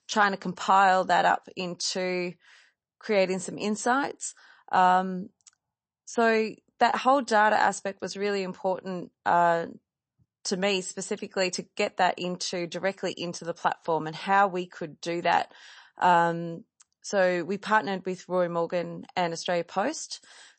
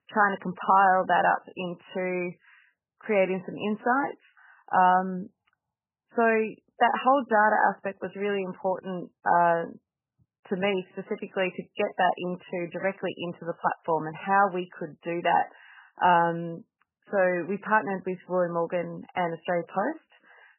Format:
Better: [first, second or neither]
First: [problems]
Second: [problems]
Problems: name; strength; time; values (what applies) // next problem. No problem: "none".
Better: first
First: garbled, watery; slightly; nothing above 8 kHz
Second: garbled, watery; badly; nothing above 3 kHz